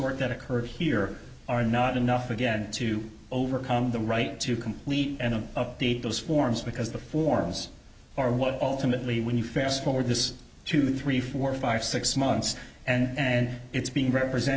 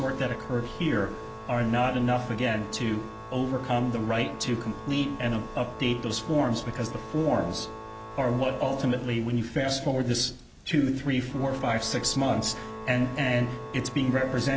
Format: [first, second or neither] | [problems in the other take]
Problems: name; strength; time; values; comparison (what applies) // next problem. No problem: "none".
first | background sound (Organ); 13 dB below the speech